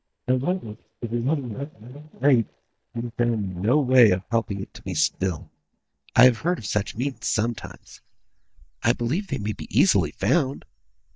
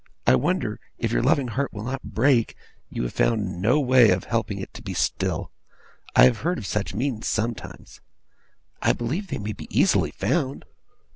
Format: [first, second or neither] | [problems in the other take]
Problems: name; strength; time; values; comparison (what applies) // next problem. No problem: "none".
second | noise reduction (neural mask model DeepFilterNet 3)